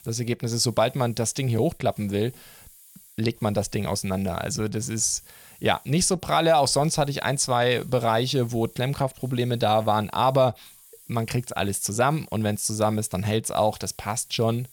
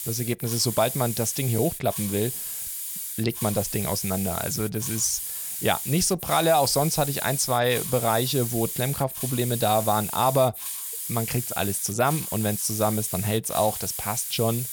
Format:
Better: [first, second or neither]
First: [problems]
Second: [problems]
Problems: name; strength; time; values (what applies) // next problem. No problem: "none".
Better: first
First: hiss; faint; throughout; 25 dB below the speech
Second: hiss; loud; throughout; 5 dB below the speech